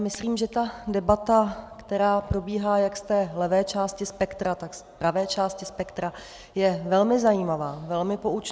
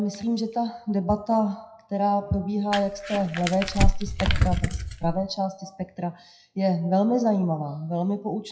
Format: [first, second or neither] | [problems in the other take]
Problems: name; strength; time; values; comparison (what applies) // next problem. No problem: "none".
first | noise reduction (classical method WPE with log-MMSE)